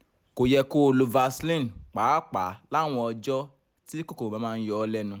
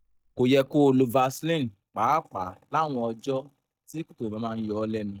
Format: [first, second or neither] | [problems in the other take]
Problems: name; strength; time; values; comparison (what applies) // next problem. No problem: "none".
first | noise reduction (neural mask model DeepFilterNet 3)